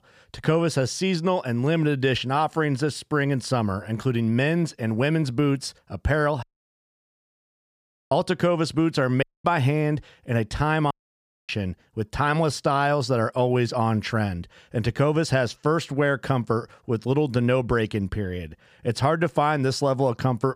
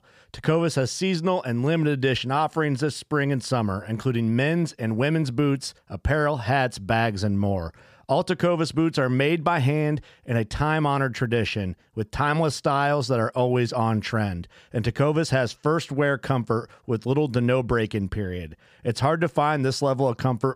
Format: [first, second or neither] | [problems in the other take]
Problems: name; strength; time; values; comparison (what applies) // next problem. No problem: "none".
second | audio cutting out; at 6.5 s for 1.5 s, at 9 s and at 11 s for 0.5 s